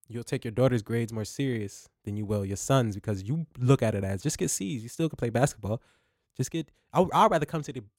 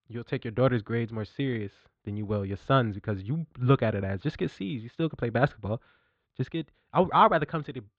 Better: first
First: none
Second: muffled; very; fading above 4 kHz

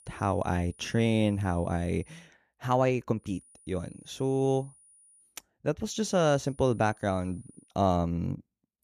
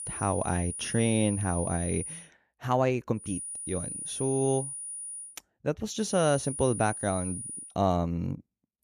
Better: first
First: high-pitched whine; faint; until 2 s, from 3.5 to 5.5 s and from 6 to 7.5 s; 9.5 kHz, 25 dB below the speech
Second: high-pitched whine; loud; until 2 s, from 3.5 to 5.5 s and from 6 to 7.5 s; 9.5 kHz, 6 dB below the speech

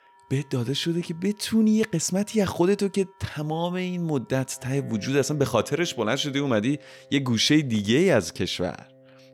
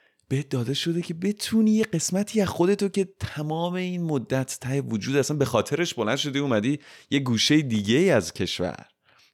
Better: second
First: background music; faint; throughout; 25 dB below the speech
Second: none

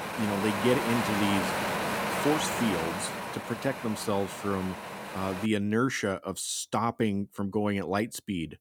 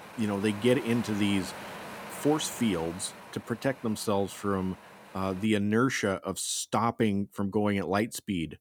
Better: second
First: wind noise on the microphone; heavy; until 5.5 s; 1 dB above the speech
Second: wind noise on the microphone; occasional gusts; until 5.5 s; 10 dB below the speech

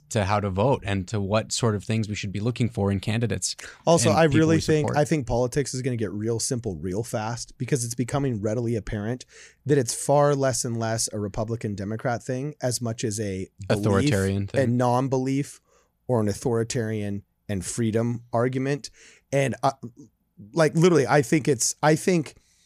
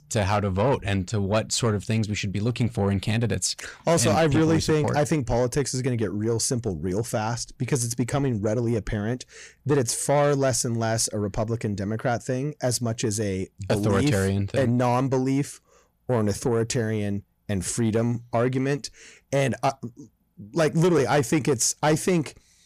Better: first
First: none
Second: distortion; slight; 10 dB below the speech

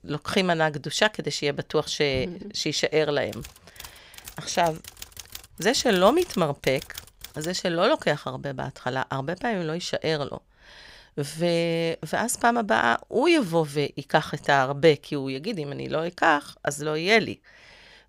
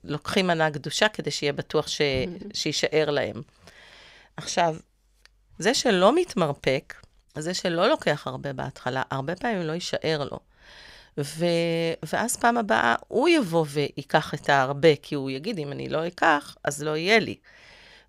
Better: second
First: keyboard typing; faint; from 3.5 to 7.5 s; peak 15 dB below the speech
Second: none

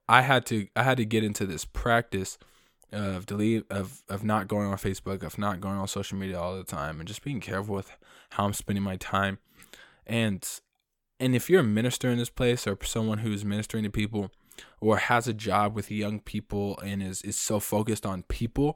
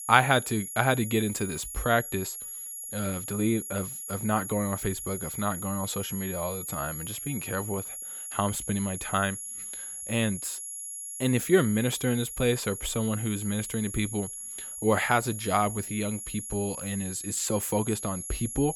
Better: first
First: none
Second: high-pitched whine; loud; throughout; 11 kHz, 7 dB below the speech

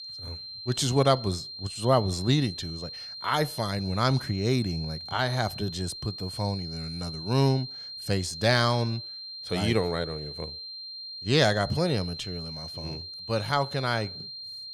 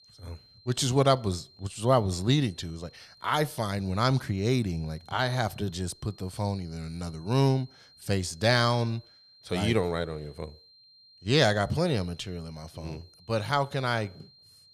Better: second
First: high-pitched whine; loud; throughout; 4 kHz, 10 dB below the speech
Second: high-pitched whine; faint; throughout; 4 kHz, 25 dB below the speech

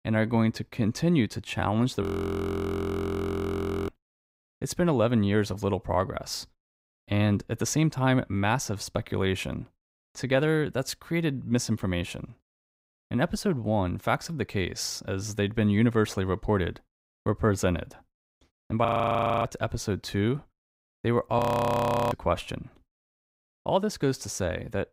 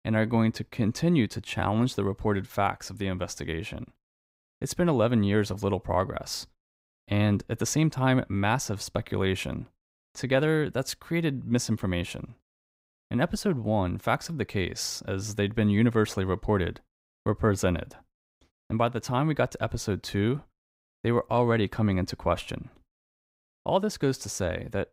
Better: second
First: audio freezing; at 2 s for 2 s, at 19 s for 0.5 s and at 21 s for 0.5 s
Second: none

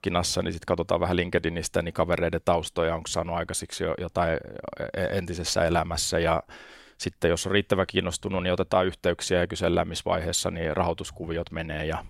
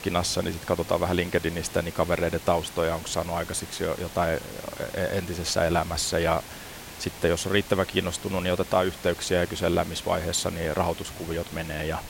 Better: first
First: none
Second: hiss; noticeable; throughout; 15 dB below the speech

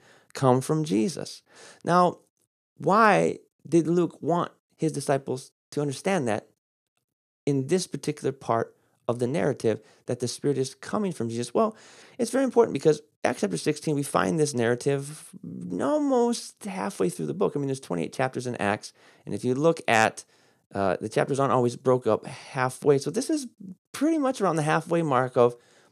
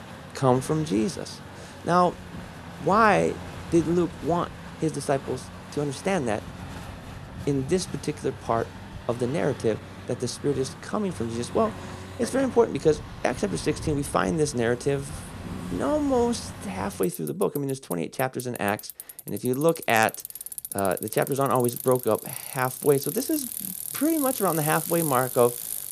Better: first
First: none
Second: traffic noise; noticeable; throughout; 10 dB below the speech

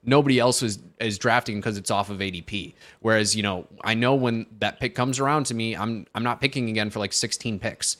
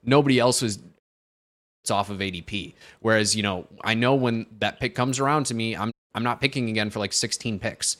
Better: first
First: none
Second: audio cutting out; at 1 s for 1 s and at 6 s

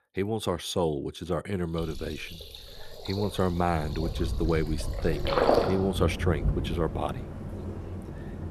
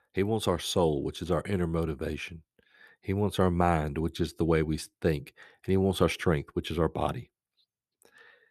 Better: second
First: rain or running water; loud; from 2 s on; 2 dB below the speech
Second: none

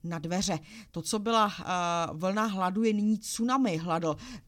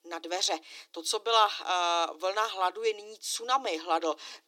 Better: first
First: none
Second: thin; very; fading below 350 Hz

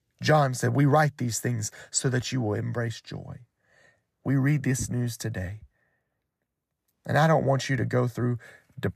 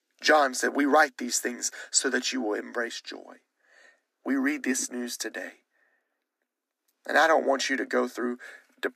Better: first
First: none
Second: thin; somewhat; fading below 250 Hz

